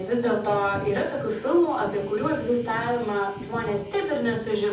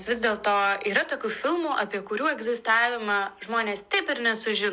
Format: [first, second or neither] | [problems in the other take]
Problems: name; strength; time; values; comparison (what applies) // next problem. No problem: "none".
second | background sound (Thunder); 13 dB below the speech // room echo; dies away in 0.6 s